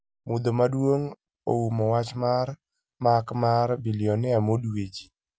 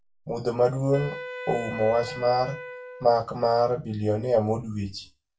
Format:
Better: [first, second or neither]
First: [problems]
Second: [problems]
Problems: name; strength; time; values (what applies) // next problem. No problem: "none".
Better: first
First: none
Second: background sound (Wind instrument, woodwind instrument); 13 dB below the speech // room echo; dies away in 0.2 s